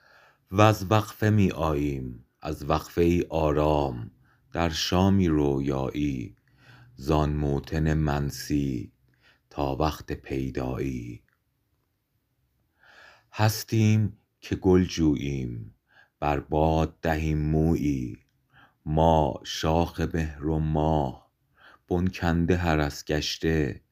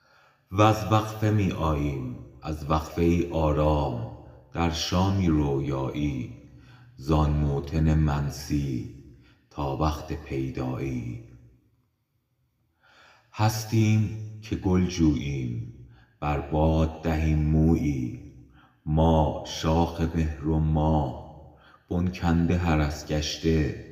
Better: first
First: none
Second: room echo; slight; dies away in 1.2 s

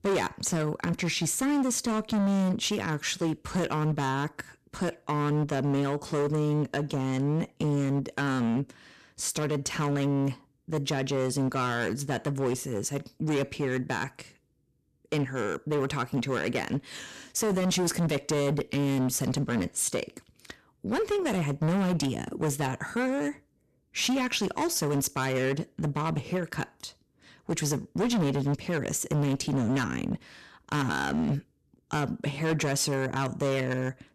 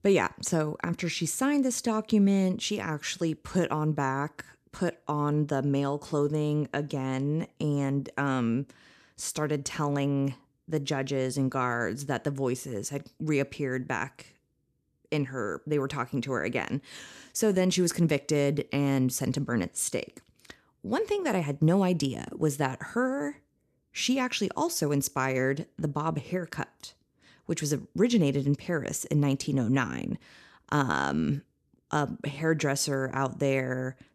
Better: second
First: distortion; heavy; 15% of the sound clipped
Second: none

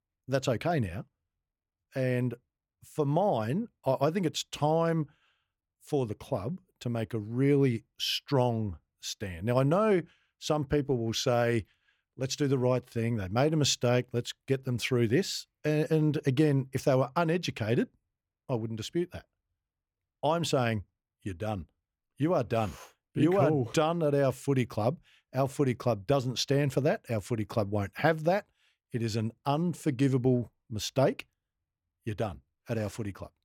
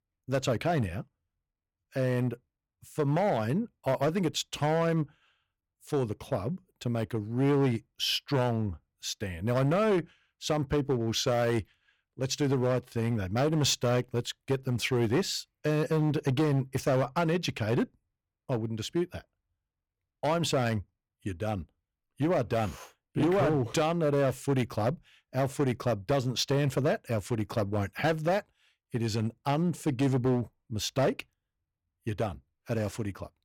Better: first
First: none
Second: distortion; slight; 7% of the sound clipped

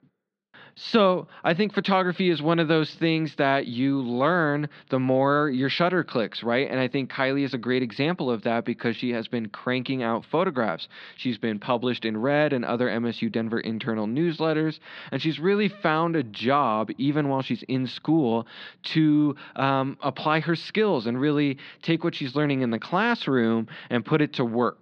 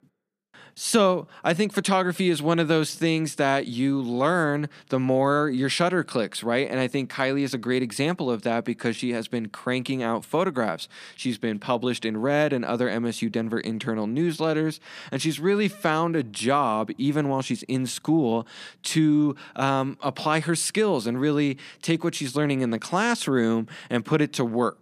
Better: second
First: muffled; very slightly; fading above 4 kHz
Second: none

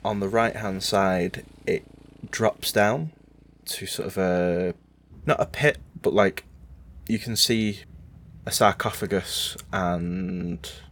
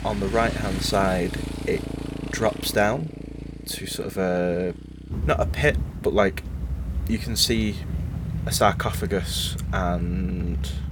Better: first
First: traffic noise; faint; throughout; 25 dB below the speech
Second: traffic noise; loud; throughout; 6 dB below the speech

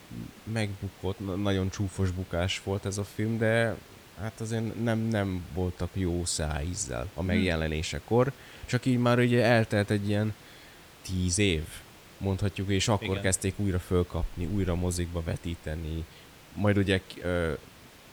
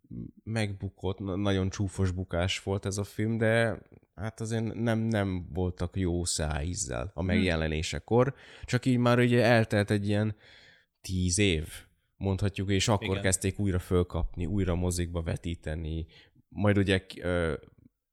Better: second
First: hiss; faint; throughout; 20 dB below the speech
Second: none

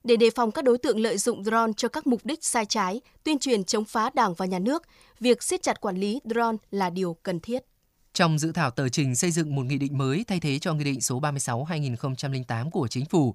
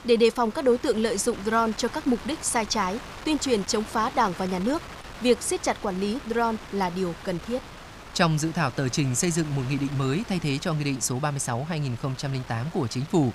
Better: first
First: none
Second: wind noise on the microphone; occasional gusts; 15 dB below the speech

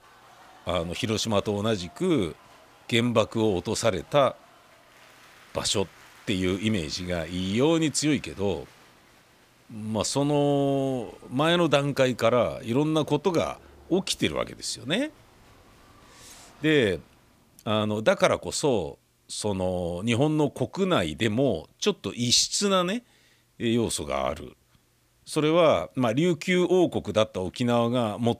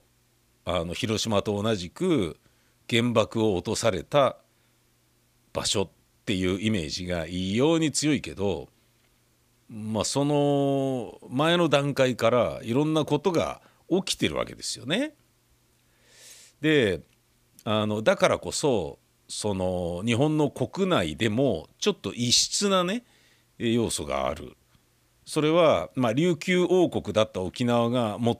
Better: second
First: crowd noise; faint; until 17 s; 25 dB below the speech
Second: none

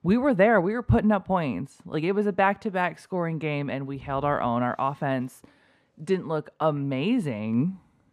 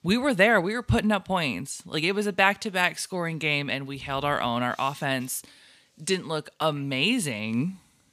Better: second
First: muffled; very; fading above 2.5 kHz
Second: none

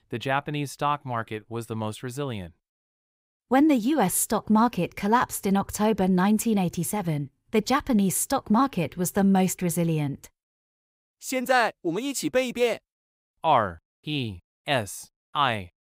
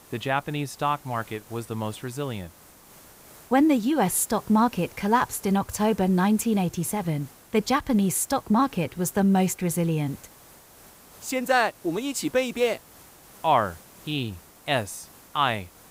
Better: first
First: none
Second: hiss; faint; throughout; 25 dB below the speech

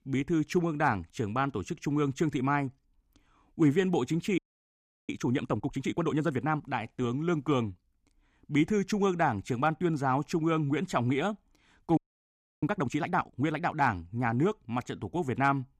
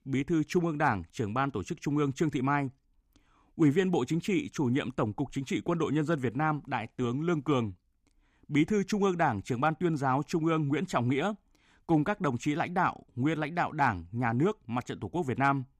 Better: second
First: audio freezing; at 4.5 s for 0.5 s and at 12 s for 0.5 s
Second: none

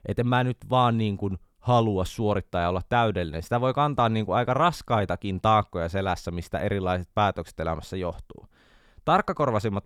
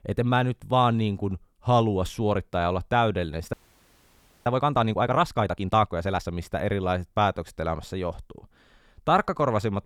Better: first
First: none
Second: audio freezing; at 3.5 s for 1 s

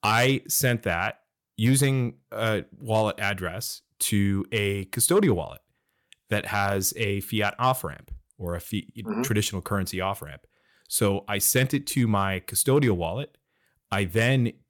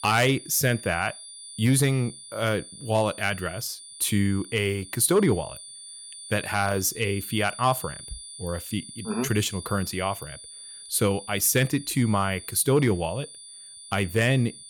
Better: first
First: none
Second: high-pitched whine; noticeable; throughout; 9.5 kHz, 15 dB below the speech

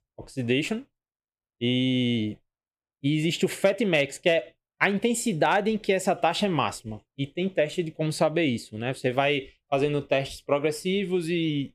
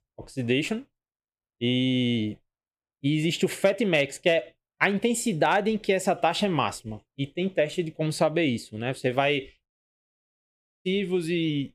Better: first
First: none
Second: audio cutting out; at 9.5 s for 1 s

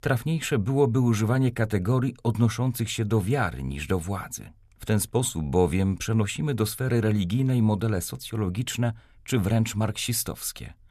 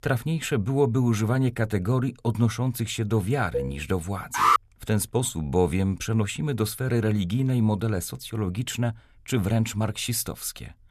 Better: first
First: none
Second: clattering dishes; noticeable; at 3.5 s; peak 6 dB below the speech // alarm; loud; at 4.5 s; peak 5 dB above the speech

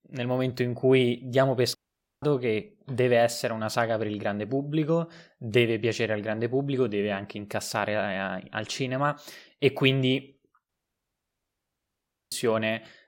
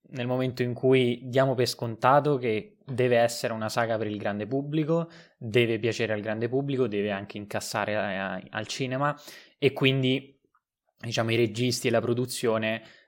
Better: second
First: audio cutting out; at 2 s and at 11 s for 1.5 s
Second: none

